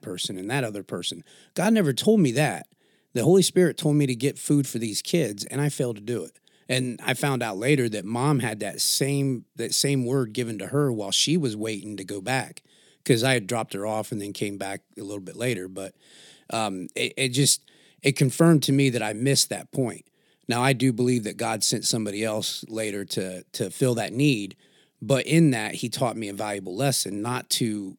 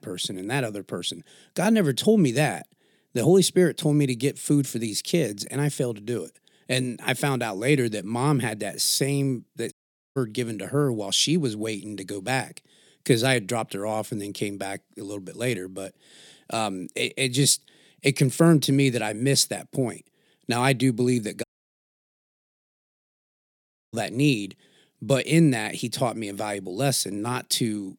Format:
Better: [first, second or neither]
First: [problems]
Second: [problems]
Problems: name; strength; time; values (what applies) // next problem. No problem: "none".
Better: first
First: none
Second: audio cutting out; at 9.5 s and at 21 s for 2.5 s